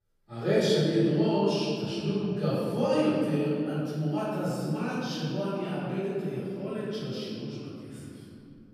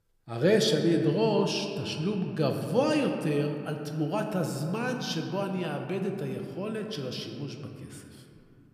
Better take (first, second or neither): second